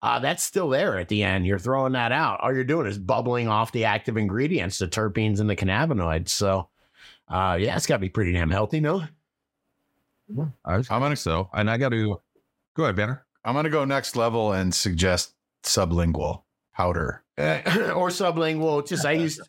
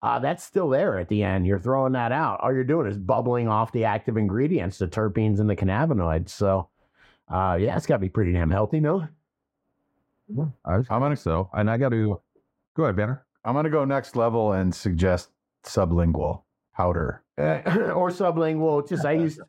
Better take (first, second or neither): first